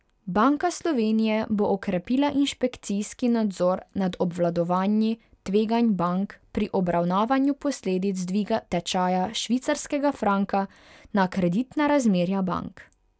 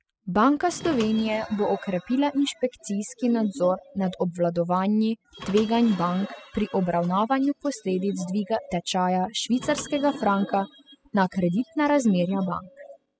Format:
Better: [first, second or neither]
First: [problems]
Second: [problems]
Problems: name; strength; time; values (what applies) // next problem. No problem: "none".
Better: first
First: none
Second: noise reduction (classical method spectral subtraction)